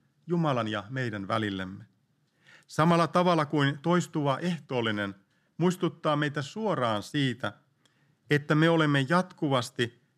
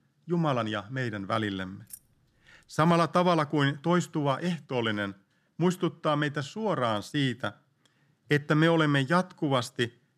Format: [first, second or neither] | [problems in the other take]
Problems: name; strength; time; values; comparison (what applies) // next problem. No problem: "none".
first | jangling keys; faint; at 2 s; peak 20 dB below the speech